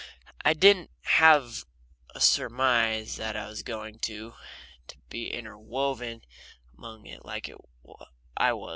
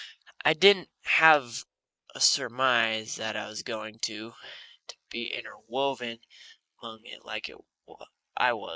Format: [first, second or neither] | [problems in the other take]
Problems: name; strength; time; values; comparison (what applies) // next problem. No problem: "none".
first | noise reduction (neural mask model Resemble Enhance denoiser)